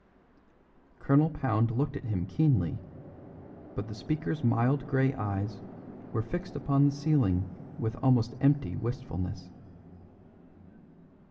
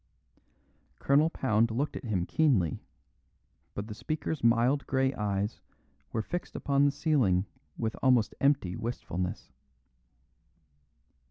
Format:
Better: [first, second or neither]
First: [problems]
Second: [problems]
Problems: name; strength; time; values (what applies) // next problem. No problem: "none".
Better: second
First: background sound (Chatter / Traffic noise, roadway noise / Train); 19 dB below the speech // room echo; dies away in 2.6 s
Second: none